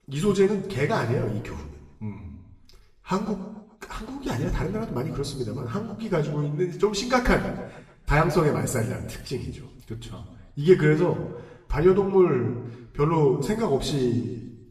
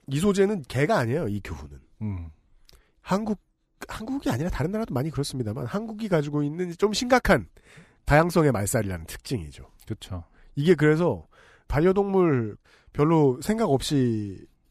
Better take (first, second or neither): second